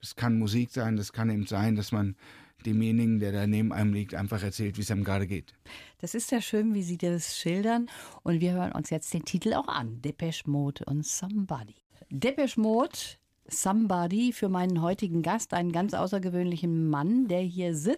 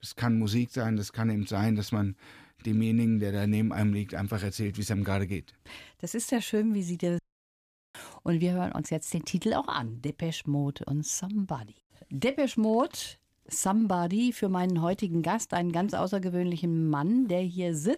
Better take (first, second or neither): first